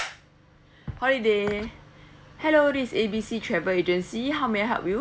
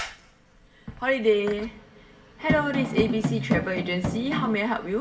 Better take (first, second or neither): first